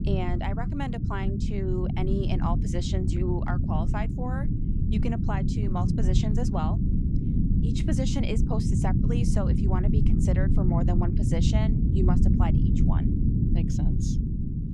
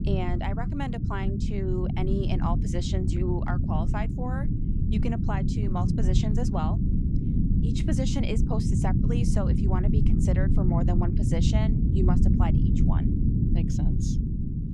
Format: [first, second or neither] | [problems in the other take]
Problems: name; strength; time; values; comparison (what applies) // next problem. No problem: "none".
neither | low rumble; loud; throughout; 1 dB below the speech; the same in both